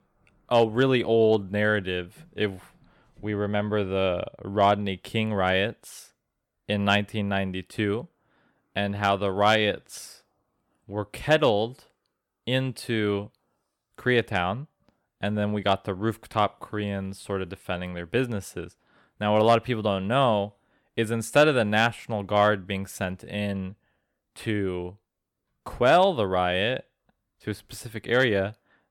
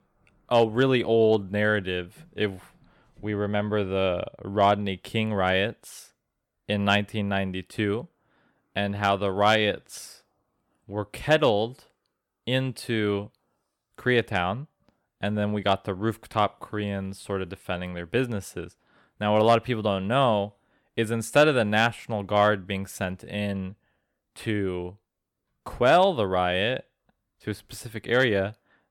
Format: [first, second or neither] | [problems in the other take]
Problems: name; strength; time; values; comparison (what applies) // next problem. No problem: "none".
neither | none